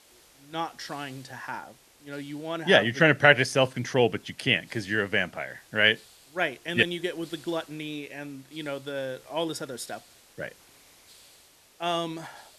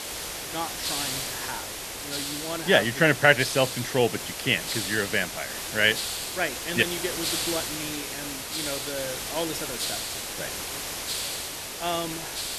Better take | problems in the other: first | hiss; loud; throughout; 4 dB below the speech; faint in the first

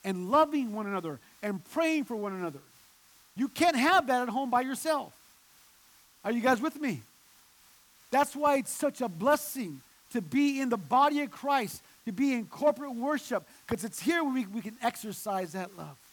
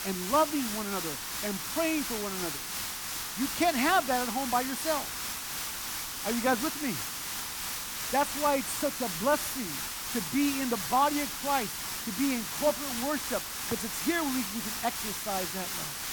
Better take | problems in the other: first | hiss; loud; throughout; 2 dB below the speech; faint in the first

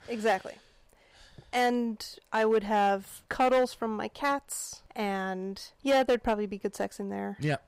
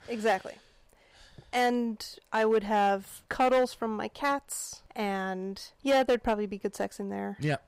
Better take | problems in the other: neither | distortion; slight; 4% of the sound clipped; the same in both

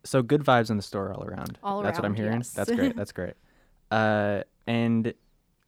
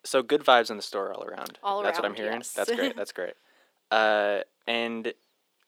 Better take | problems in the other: first | thin; somewhat; fading below 400 Hz

